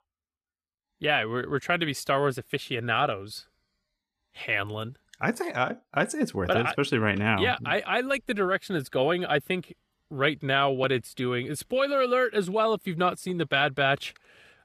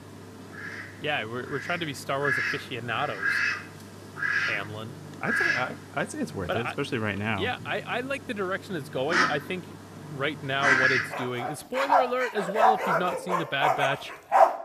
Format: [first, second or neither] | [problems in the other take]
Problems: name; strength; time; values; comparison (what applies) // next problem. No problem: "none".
first | animal sounds; very loud; throughout; 4 dB above the speech